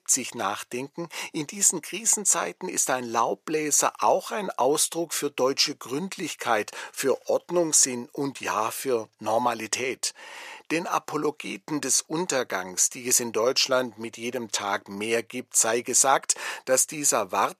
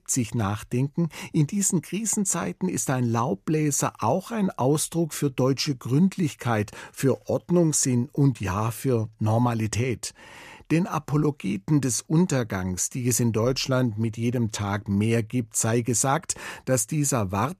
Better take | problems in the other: second | thin; very; fading below 550 Hz

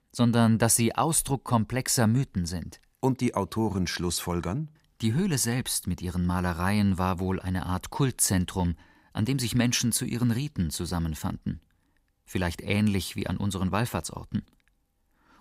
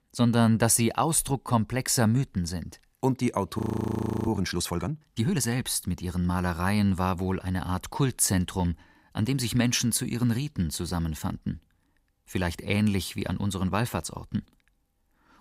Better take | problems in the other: first | audio freezing; at 3.5 s for 0.5 s

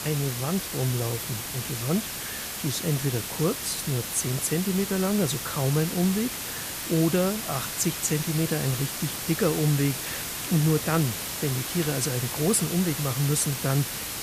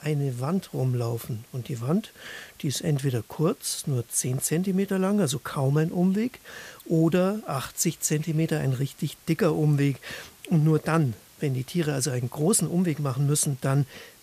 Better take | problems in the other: second | hiss; loud; throughout; 4 dB below the speech; faint in the second

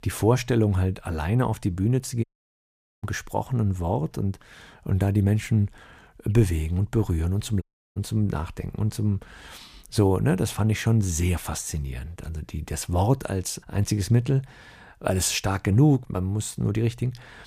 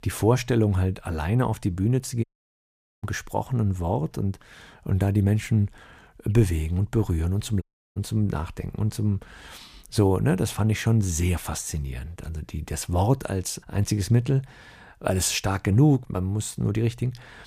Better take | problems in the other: neither | audio cutting out; at 2 s for 1 s and at 7.5 s; the same in both

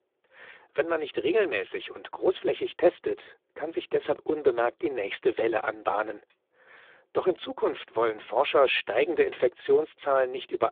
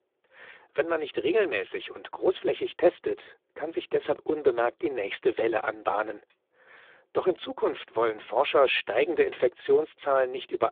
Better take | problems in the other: neither | phone-call audio; poor line; the same in both

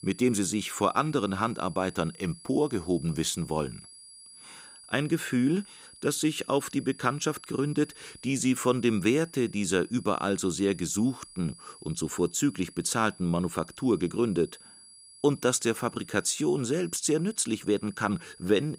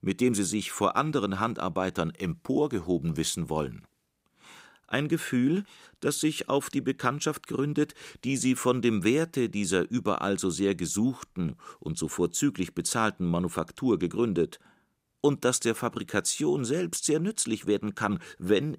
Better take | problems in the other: second | high-pitched whine; faint; throughout; 10.5 kHz, 20 dB below the speech

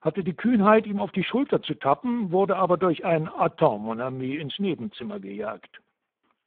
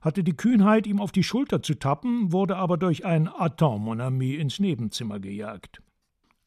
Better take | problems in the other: second | phone-call audio; poor line

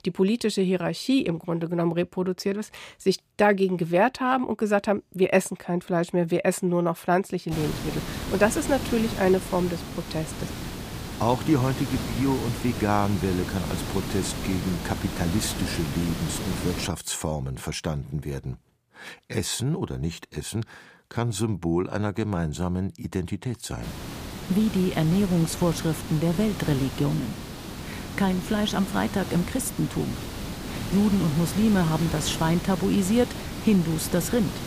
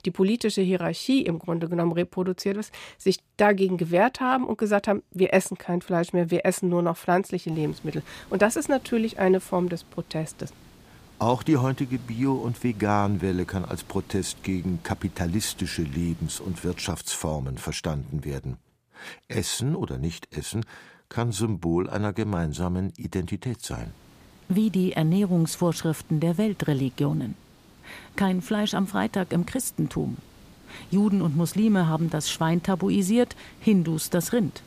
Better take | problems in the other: second | hiss; loud; from 7.5 to 17 s and from 24 s on; 8 dB below the speech; faint in the second

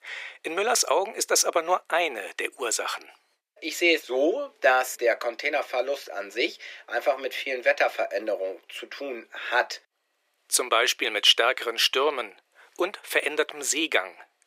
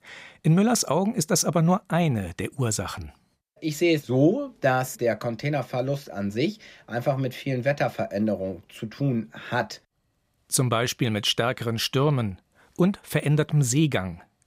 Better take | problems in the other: second | thin; very; fading below 350 Hz

